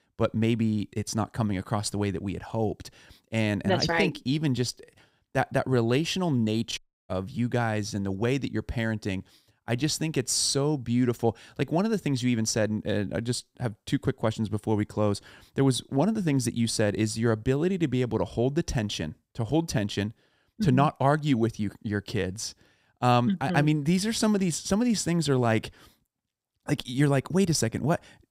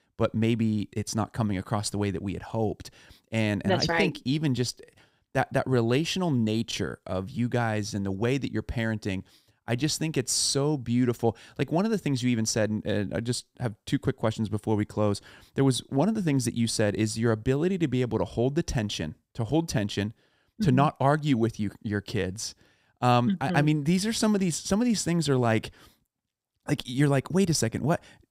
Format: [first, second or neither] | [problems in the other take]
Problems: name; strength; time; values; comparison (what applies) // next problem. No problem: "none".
second | audio cutting out; at 7 s